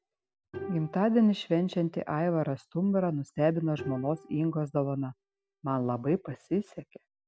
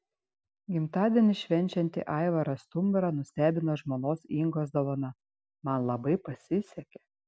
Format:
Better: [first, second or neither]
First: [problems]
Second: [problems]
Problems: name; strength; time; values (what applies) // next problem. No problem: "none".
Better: second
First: background sound (Bowed string instrument); 18 dB below the speech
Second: none